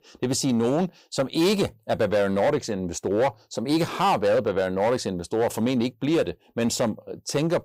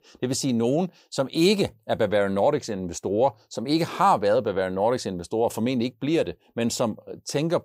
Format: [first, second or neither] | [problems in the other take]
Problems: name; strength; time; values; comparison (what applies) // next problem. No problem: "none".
second | distortion; slight; 8% of the sound clipped